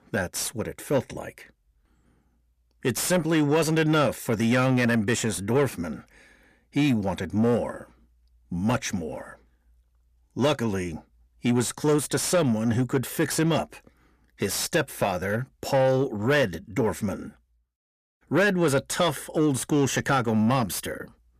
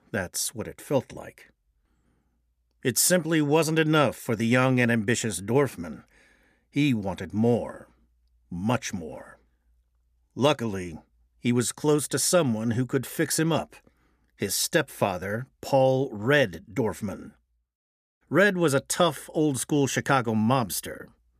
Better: second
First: distortion; slight; 10 dB below the speech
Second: none

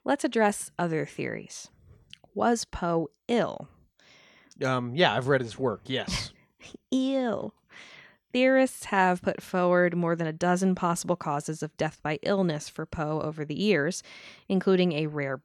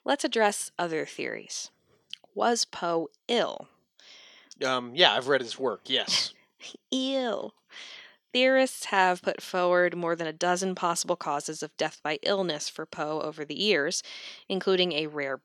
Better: first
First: none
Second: thin; very slightly; fading below 300 Hz

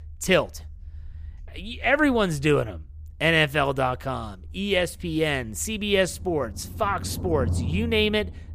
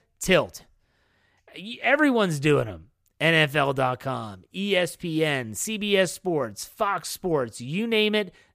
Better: second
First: low rumble; noticeable; throughout; 20 dB below the speech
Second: none

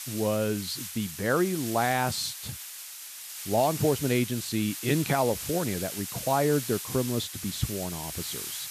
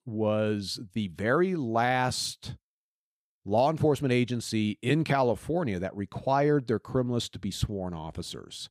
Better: second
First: hiss; loud; throughout; 7 dB below the speech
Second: none

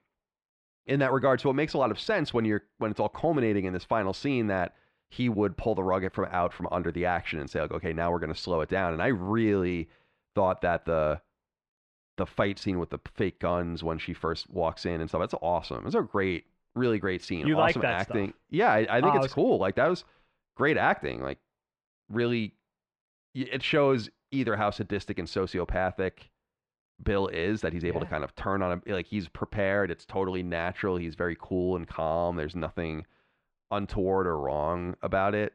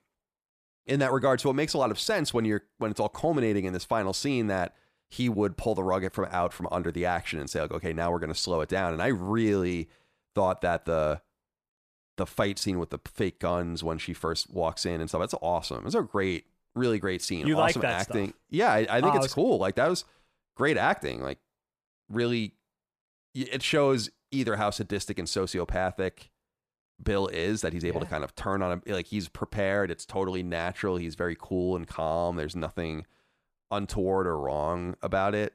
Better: second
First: muffled; slightly; fading above 2.5 kHz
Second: none

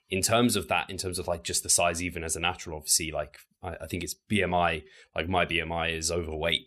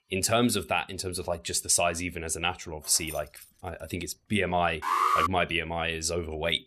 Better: first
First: none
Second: jangling keys; faint; at 3 s; peak 15 dB below the speech // alarm; loud; at 5 s; peak 4 dB above the speech

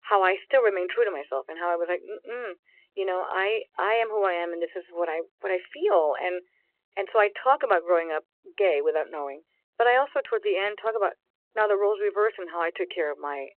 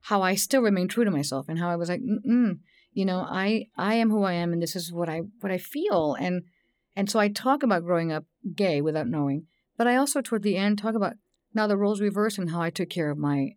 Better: second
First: phone-call audio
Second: none

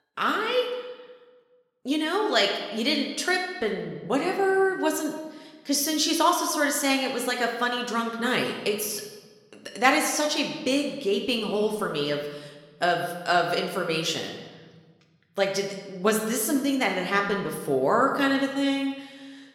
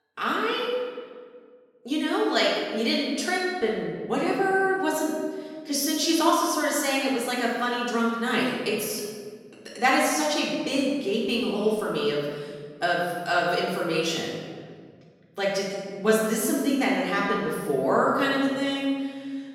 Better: first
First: room echo; slight; dies away in 1.1 s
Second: room echo; strong; dies away in 1.7 s // off-mic speech; far

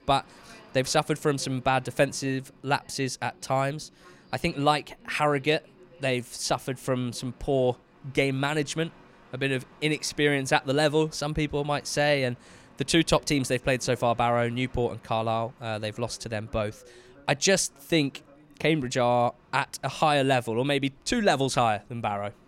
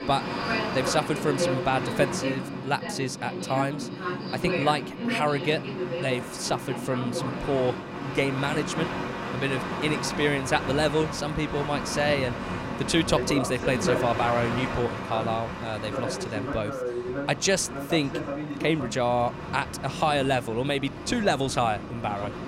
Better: first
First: train or aircraft noise; faint; throughout; 25 dB below the speech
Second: train or aircraft noise; loud; throughout; 4 dB below the speech

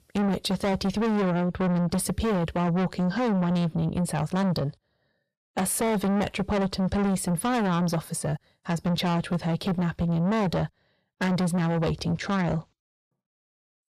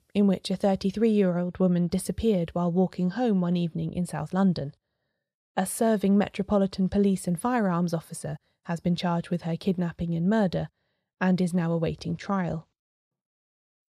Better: second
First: distortion; heavy; 6 dB below the speech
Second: none

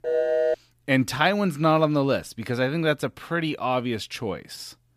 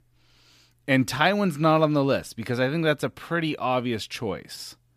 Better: second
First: phone ringing; loud; at the start; peak 2 dB above the speech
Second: none

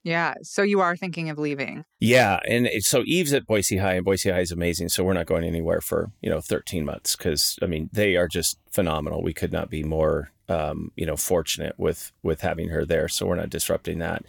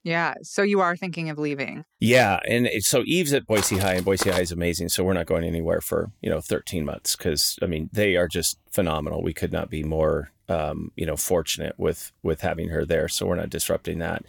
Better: first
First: none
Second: footsteps; noticeable; at 3.5 s; peak 5 dB below the speech

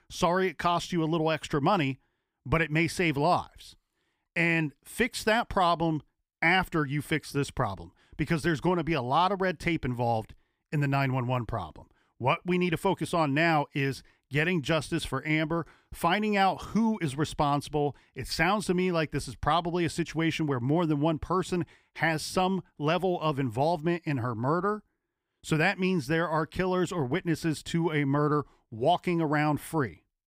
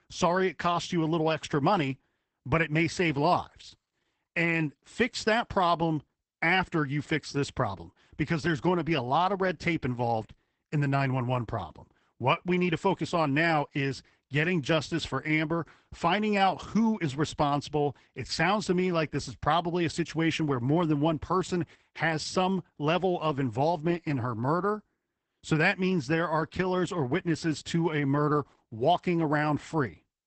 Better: first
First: none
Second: garbled, watery; badly; nothing above 8 kHz

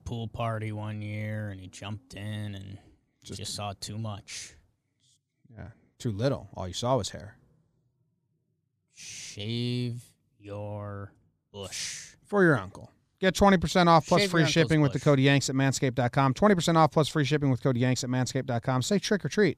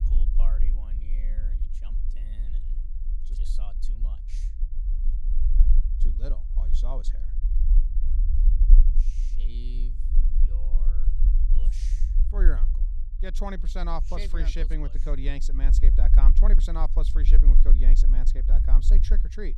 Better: first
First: none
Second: low rumble; loud; throughout; 10 dB below the speech

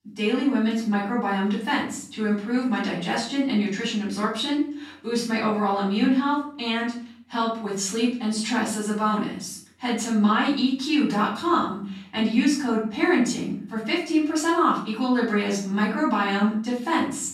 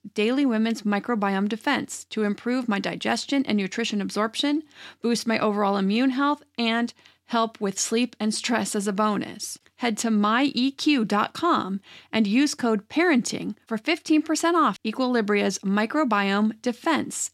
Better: second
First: off-mic speech; far // room echo; noticeable; dies away in 0.4 s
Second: none

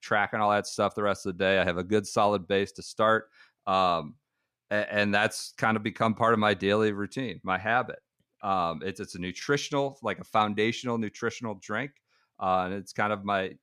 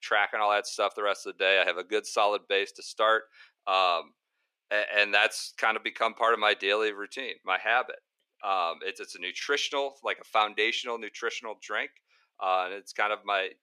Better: first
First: none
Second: thin; very; fading below 400 Hz

